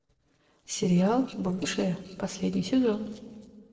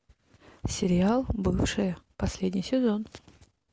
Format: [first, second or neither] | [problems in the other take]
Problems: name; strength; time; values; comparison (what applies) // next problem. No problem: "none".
second | noise reduction (neural separator model SepFormer DNS4)